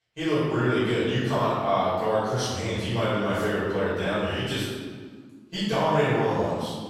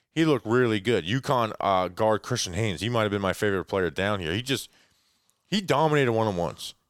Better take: second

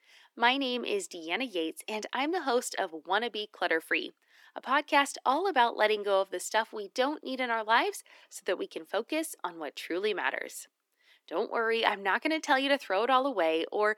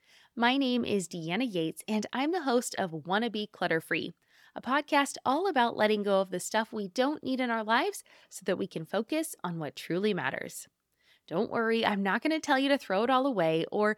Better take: second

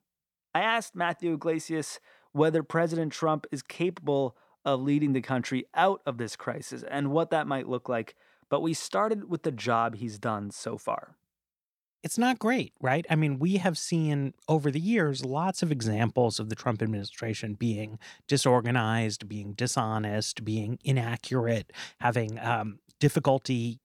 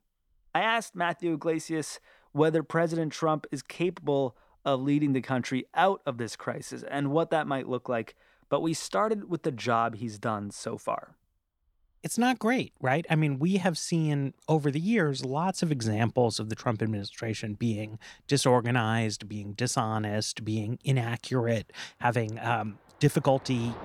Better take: first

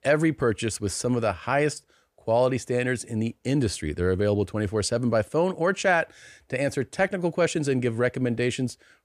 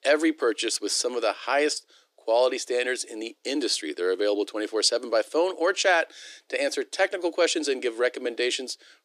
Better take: first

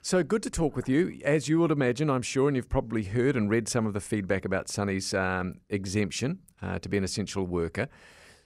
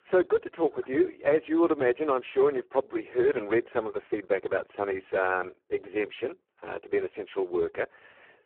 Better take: first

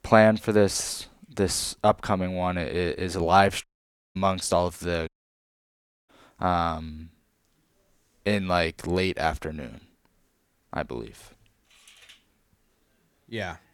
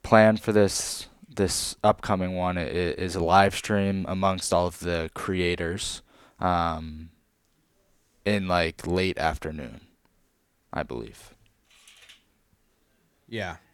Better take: second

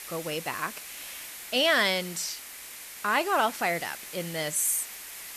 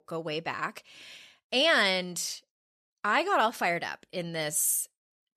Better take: second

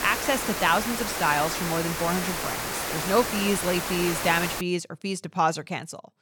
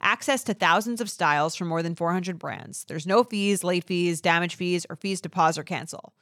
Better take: second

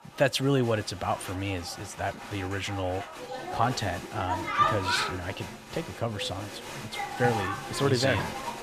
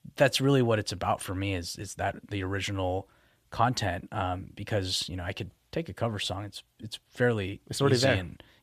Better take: second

